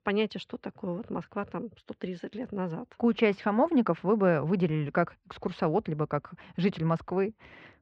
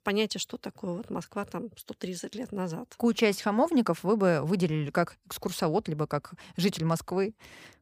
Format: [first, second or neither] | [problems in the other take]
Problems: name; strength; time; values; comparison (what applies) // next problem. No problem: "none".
second | muffled; very; fading above 2.5 kHz